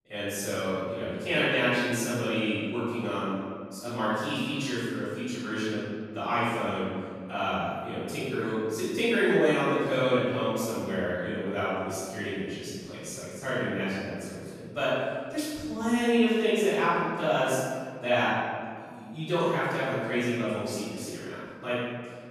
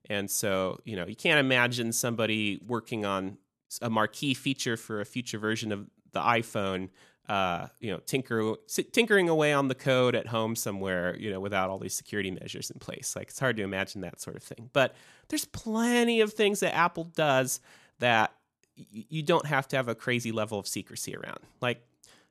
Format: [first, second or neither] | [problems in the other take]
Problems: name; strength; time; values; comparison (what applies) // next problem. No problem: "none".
second | off-mic speech; far // room echo; strong; dies away in 1.8 s